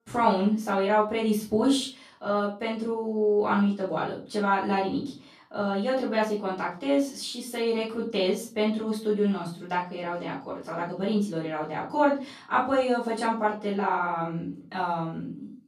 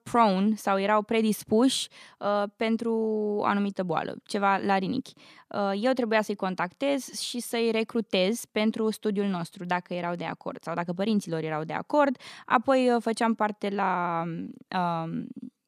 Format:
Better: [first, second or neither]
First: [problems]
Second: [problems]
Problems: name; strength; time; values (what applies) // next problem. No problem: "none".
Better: second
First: off-mic speech; far // room echo; slight; dies away in 0.3 s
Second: none